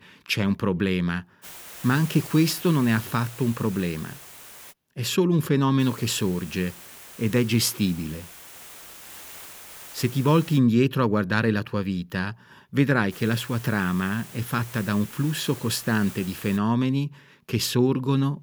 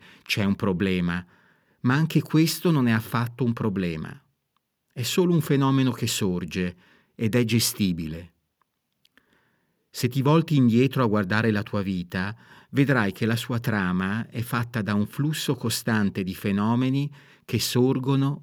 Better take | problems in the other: second | hiss; noticeable; from 1.5 to 4.5 s, from 6 to 11 s and from 13 to 17 s; 15 dB below the speech

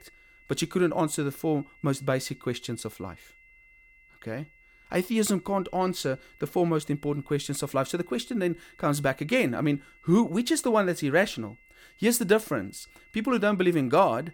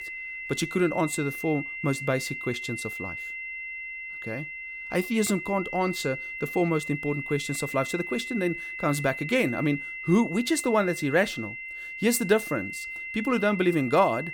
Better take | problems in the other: first | high-pitched whine; loud; throughout; 2 kHz, 7 dB below the speech; faint in the first

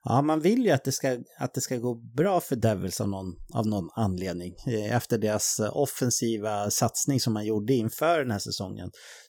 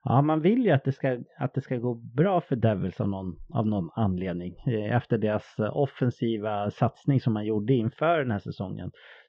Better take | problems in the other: first | muffled; very; fading above 3 kHz

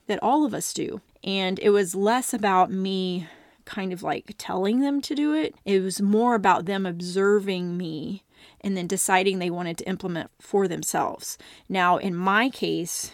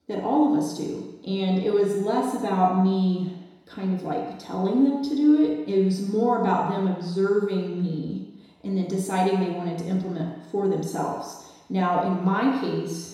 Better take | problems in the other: first | room echo; noticeable; dies away in 1 s // off-mic speech; far

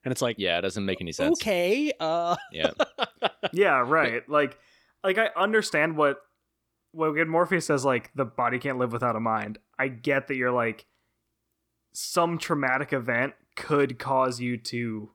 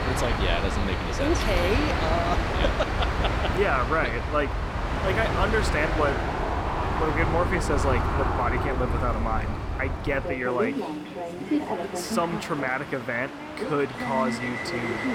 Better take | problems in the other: first | train or aircraft noise; very loud; throughout; as loud as the speech

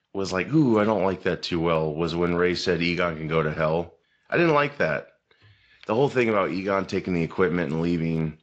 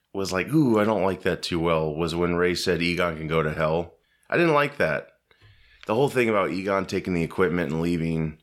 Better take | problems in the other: second | garbled, watery; slightly

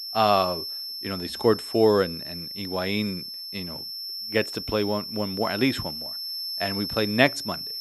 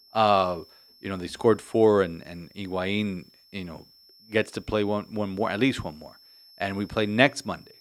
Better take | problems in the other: second | high-pitched whine; loud; throughout; 5.5 kHz, 6 dB below the speech; faint in the second

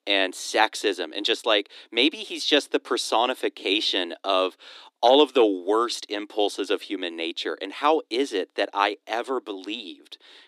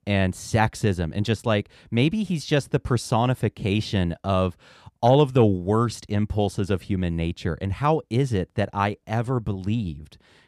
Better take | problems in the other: second | thin; somewhat; fading below 300 Hz

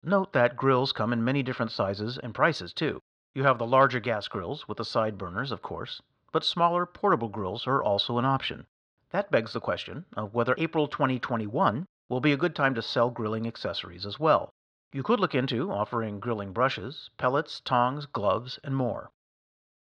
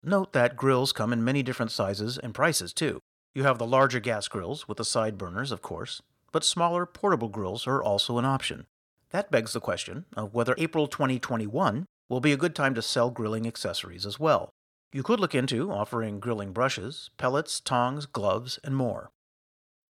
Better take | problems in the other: second | muffled; very slightly; fading above 4 kHz

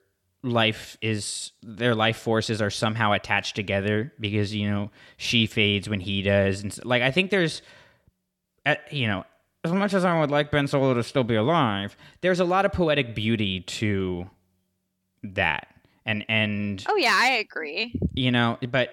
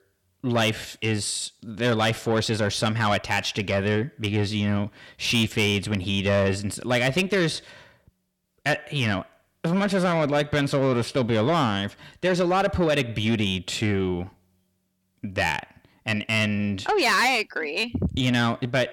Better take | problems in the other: first | distortion; slight; 10 dB below the speech

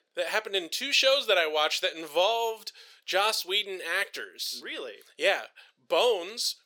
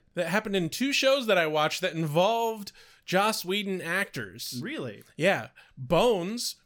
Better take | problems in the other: second | thin; very; fading below 400 Hz

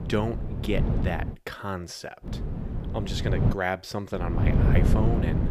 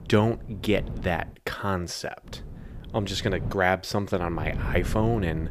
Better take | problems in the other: second | wind noise on the microphone; heavy; until 1.5 s, from 2.5 to 3.5 s and from 4 s on; 4 dB below the speech; occasional gusts in the second

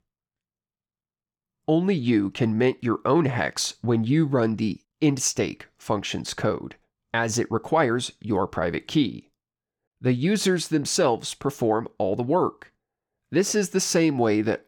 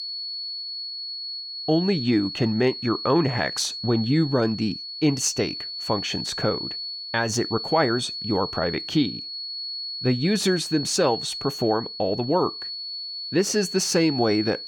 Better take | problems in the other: first | high-pitched whine; loud; throughout; 4.5 kHz, 6 dB below the speech

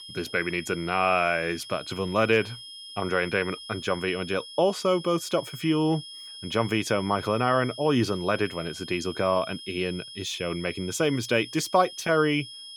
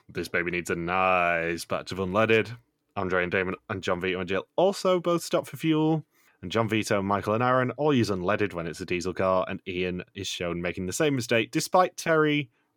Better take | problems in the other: second | high-pitched whine; noticeable; throughout; 3.5 kHz, 15 dB below the speech

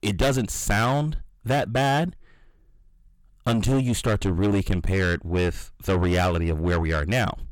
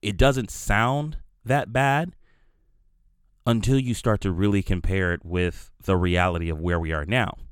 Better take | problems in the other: second | distortion; heavy; 7 dB below the speech

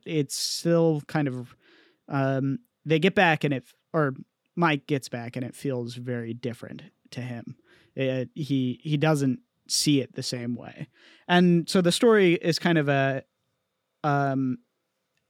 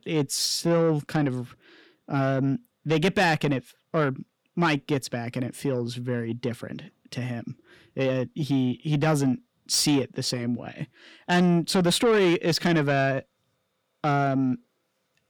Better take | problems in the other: first | distortion; slight; 10 dB below the speech

